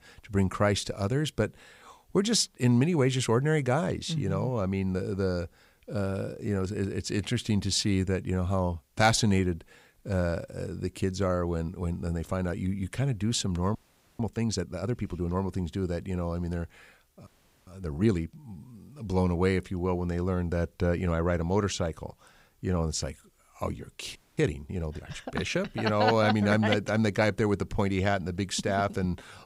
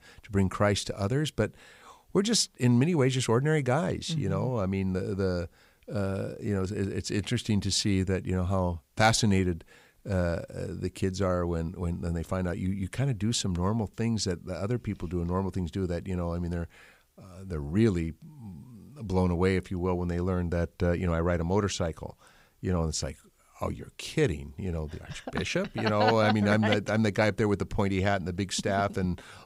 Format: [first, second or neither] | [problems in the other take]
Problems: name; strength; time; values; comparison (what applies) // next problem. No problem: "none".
second | audio freezing; at 14 s, at 17 s and at 24 s